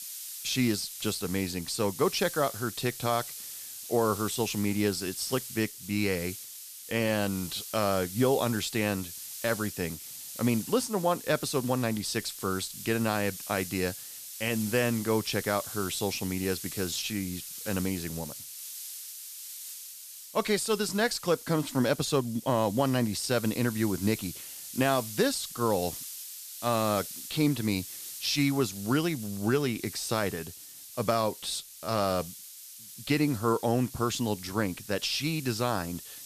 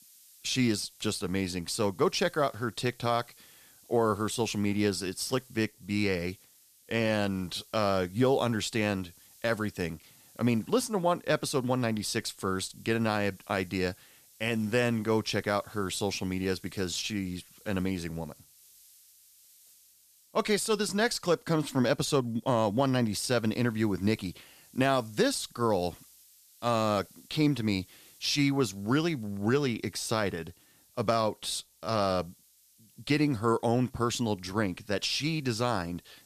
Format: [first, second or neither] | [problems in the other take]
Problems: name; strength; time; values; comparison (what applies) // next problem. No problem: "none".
second | hiss; loud; throughout; 10 dB below the speech; faint in the second